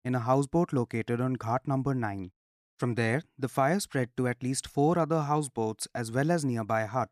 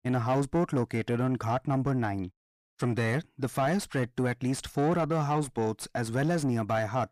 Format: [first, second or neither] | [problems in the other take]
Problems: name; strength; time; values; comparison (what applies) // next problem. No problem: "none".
first | distortion; slight; 10 dB below the speech